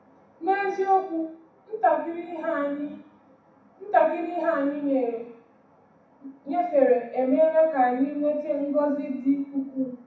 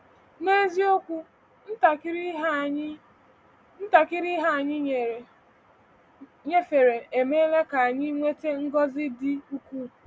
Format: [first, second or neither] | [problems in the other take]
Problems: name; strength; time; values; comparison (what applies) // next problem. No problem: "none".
second | room echo; dies away in 0.7 s